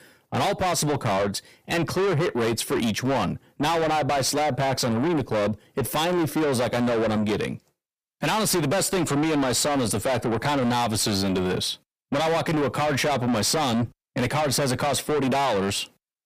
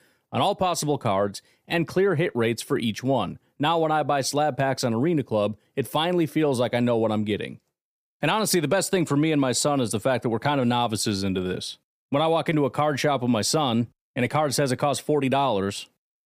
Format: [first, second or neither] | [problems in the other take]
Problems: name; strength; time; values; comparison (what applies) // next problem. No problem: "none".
second | distortion; heavy; 6 dB below the speech